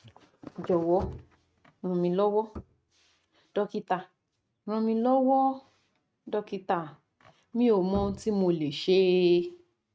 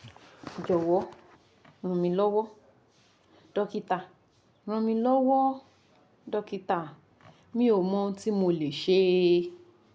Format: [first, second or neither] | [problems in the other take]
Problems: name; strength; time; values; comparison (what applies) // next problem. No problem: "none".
second | noise reduction (neural mask model RNNoise)